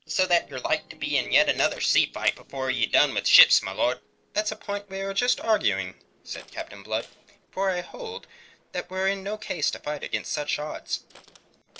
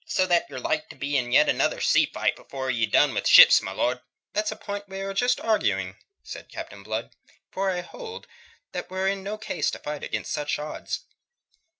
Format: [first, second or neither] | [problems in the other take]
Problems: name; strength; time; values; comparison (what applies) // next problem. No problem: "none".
second | noise reduction (neural separator model SepFormer DNS4)